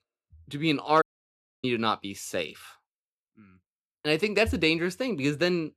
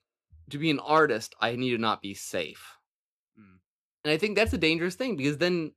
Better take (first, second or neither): second